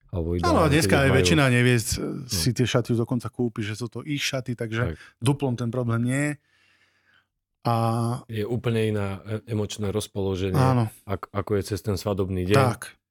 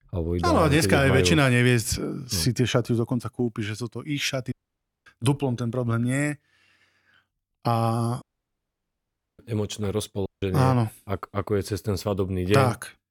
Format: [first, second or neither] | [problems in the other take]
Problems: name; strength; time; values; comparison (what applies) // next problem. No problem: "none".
first | audio cutting out; at 4.5 s for 0.5 s, at 8 s for 1 s and at 10 s